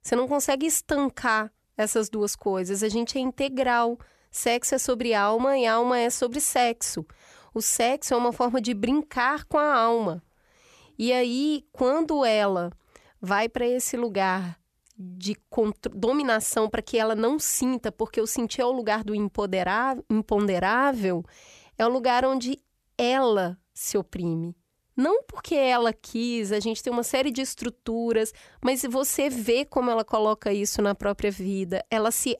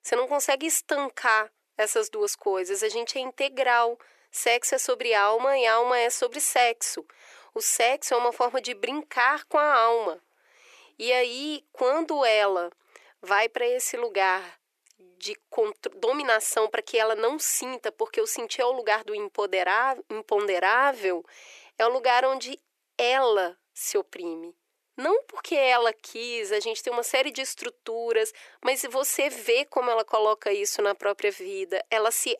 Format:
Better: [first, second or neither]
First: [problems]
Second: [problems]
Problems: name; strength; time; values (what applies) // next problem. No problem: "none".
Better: first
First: none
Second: thin; very; fading below 350 Hz